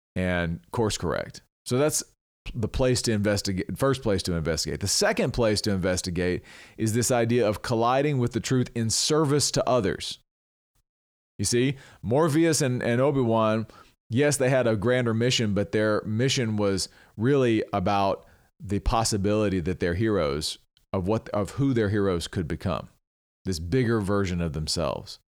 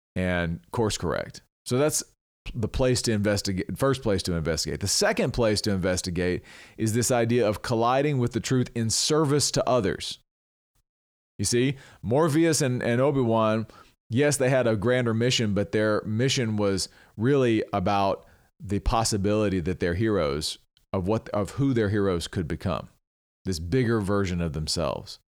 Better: neither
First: none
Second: none

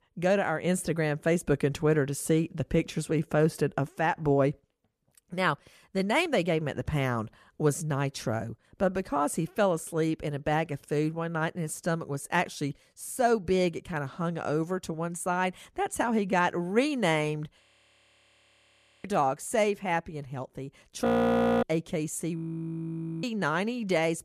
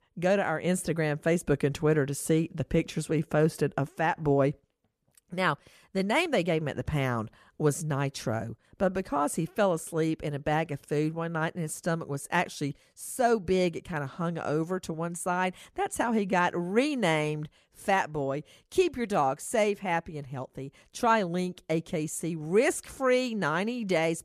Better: second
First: audio freezing; at 18 s for 1.5 s, at 21 s for 0.5 s and at 22 s for 1 s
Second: none

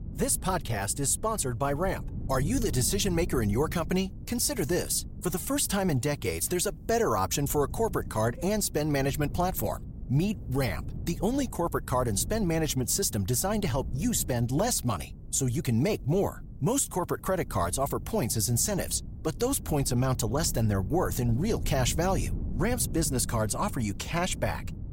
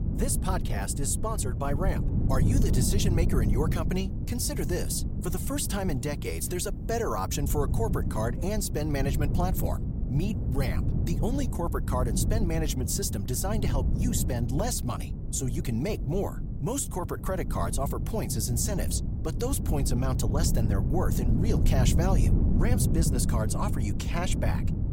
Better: first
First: wind noise on the microphone; occasional gusts; 20 dB below the speech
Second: wind noise on the microphone; heavy; 7 dB below the speech

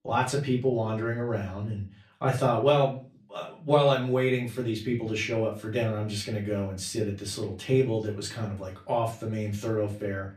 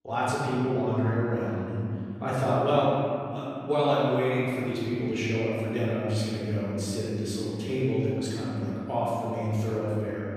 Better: first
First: room echo; slight; dies away in 0.3 s // off-mic speech; far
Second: room echo; strong; dies away in 2.9 s // off-mic speech; far

